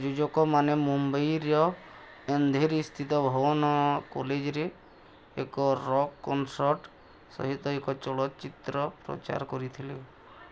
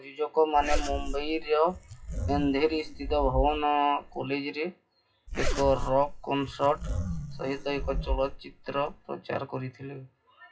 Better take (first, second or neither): first